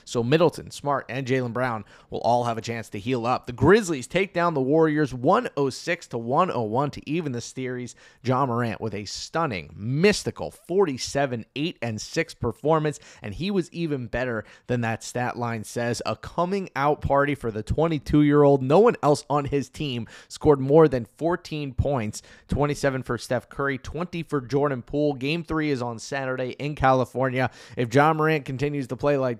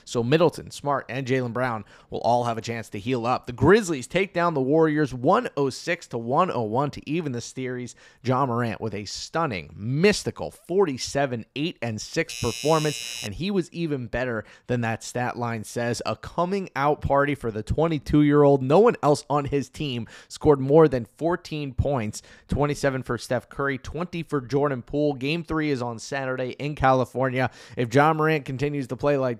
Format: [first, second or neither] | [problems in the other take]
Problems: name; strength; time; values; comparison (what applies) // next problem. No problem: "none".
first | doorbell; noticeable; at 12 s; peak 6 dB below the speech